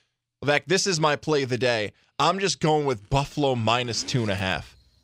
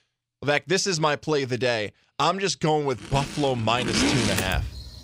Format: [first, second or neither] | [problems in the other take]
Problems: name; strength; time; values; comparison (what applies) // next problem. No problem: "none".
first | traffic noise; loud; from 3.5 s on; 3 dB below the speech; faint in the first